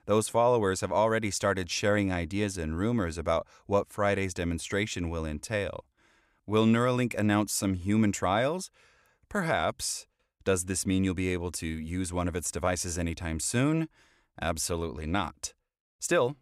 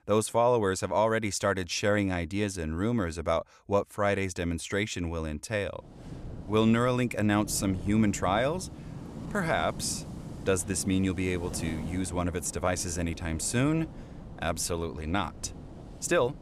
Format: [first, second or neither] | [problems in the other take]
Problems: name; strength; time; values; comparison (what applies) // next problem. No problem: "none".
first | wind noise on the microphone; occasional gusts; from 6 s on; 20 dB below the speech